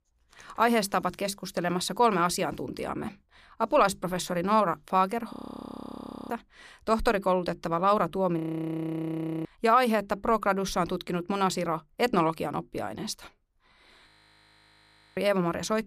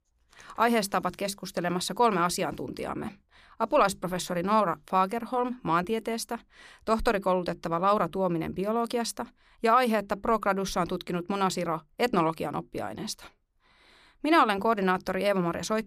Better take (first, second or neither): second